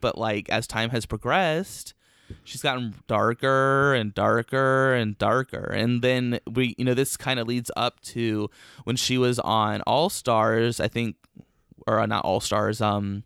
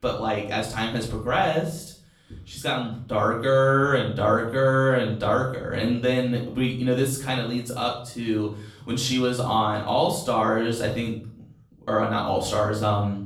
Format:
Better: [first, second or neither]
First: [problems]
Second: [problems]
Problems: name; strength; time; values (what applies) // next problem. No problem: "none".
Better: first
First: none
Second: off-mic speech; far // room echo; slight; dies away in 0.5 s